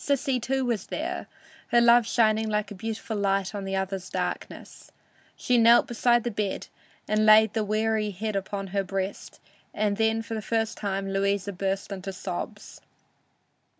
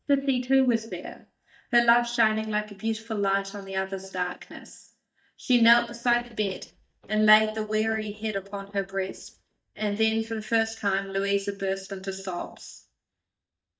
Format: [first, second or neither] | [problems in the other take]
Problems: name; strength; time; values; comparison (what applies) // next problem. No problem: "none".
first | noise reduction (neural mask model DeepFilterNet 3)